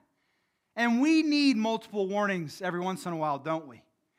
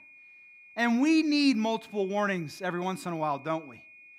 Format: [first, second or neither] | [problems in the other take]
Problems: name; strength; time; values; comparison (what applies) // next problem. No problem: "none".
first | high-pitched whine; faint; throughout; 2.5 kHz, 20 dB below the speech